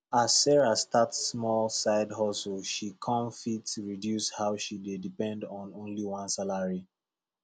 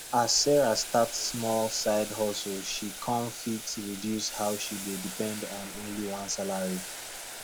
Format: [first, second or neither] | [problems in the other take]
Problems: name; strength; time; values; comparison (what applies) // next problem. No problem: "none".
first | background sound (Boiling); 10 dB below the speech